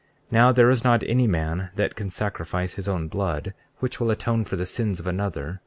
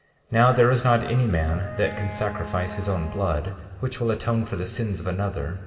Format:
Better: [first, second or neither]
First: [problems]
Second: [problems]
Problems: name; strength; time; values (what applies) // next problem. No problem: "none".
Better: first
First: none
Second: background sound (Wind instrument, woodwind instrument); 15 dB below the speech // room echo; dies away in 2.3 s